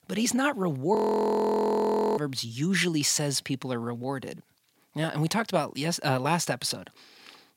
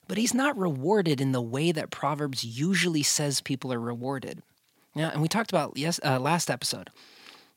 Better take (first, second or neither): second